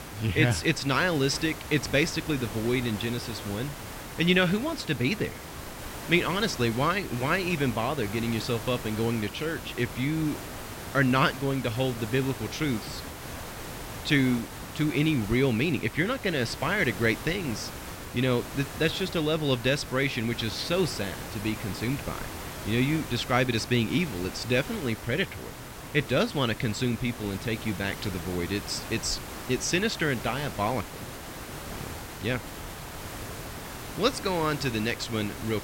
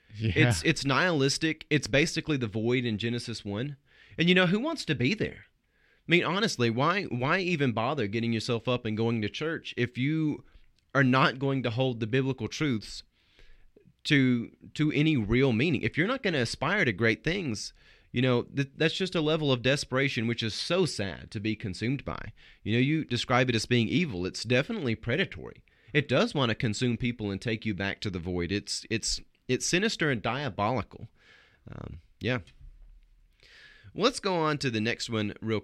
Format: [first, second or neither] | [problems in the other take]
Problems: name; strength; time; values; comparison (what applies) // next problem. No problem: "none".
second | hiss; noticeable; throughout; 10 dB below the speech